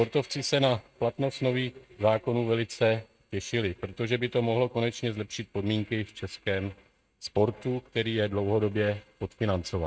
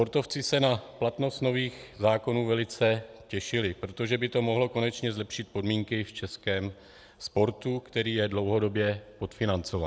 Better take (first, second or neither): second